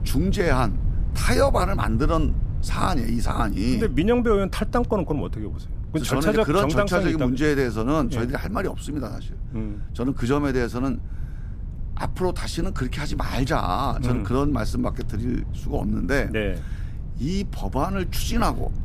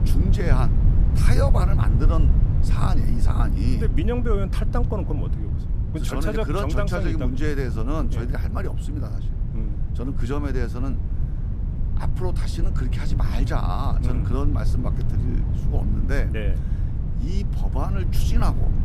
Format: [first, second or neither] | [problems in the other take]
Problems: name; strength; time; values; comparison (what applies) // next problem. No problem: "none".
first | low rumble; loud; throughout; 7 dB below the speech; faint in the first